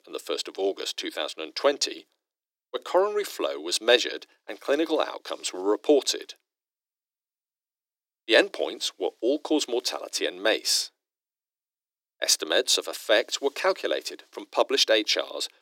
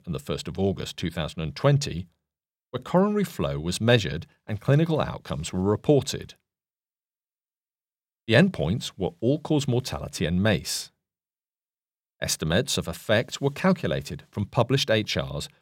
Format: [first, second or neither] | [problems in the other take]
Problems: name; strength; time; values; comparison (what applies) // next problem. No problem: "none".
second | thin; very; fading below 300 Hz